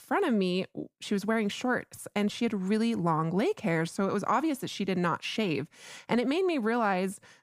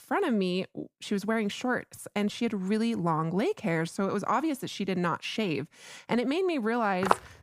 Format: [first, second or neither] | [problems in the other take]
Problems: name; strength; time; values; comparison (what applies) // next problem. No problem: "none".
first | footsteps; loud; at 7 s; peak 1 dB above the speech